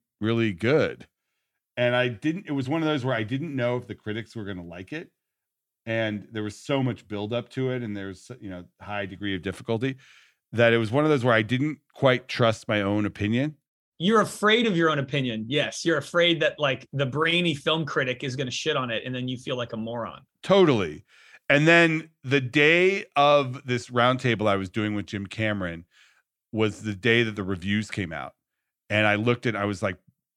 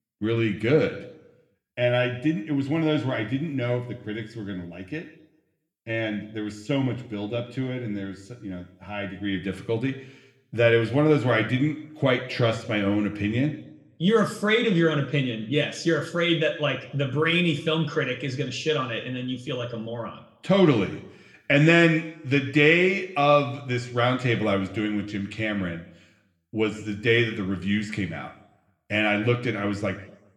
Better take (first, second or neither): first